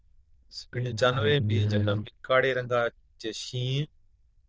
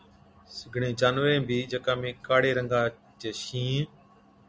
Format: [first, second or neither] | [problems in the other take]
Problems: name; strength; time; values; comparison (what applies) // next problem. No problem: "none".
second | noise reduction (neural diffusion model UNIVERSE++)